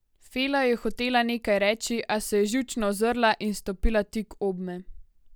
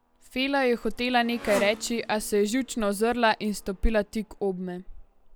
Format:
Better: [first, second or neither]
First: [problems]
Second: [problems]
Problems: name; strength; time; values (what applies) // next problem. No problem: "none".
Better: first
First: none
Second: background sound (Motorcycle); 17 dB below the speech